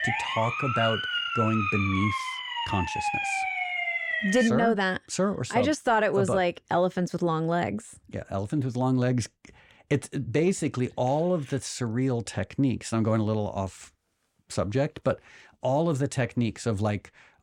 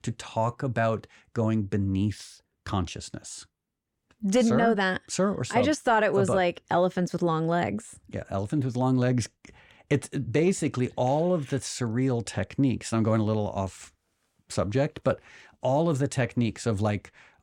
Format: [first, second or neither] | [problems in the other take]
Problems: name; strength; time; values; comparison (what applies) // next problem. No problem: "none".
second | siren; loud; until 4.5 s; peak level with the speech